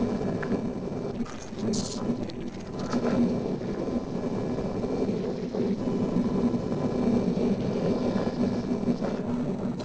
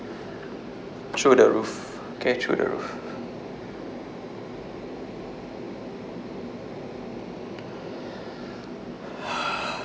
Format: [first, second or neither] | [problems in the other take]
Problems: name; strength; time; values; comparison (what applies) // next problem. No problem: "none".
second | noise reduction (neural separator model SepFormer DNS4)